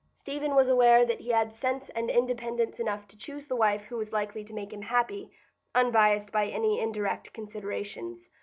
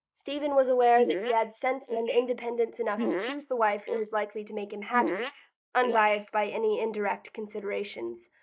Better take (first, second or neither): first